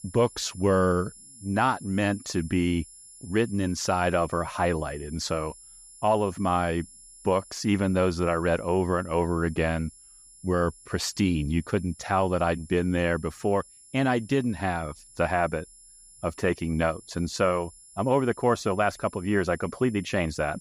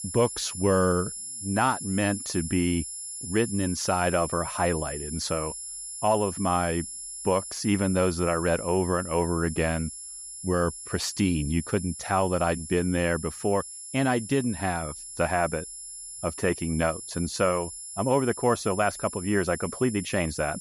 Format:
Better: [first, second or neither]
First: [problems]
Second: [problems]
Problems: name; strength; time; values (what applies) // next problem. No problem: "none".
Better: first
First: high-pitched whine; faint; throughout; 10.5 kHz, 20 dB below the speech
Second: high-pitched whine; loud; throughout; 10.5 kHz, 9 dB below the speech